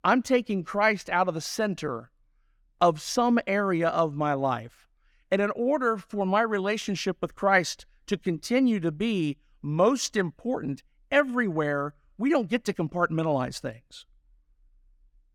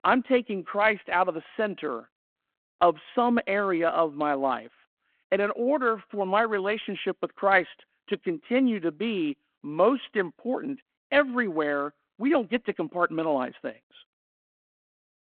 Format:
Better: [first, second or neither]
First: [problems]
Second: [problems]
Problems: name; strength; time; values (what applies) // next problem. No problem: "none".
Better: first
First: none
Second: phone-call audio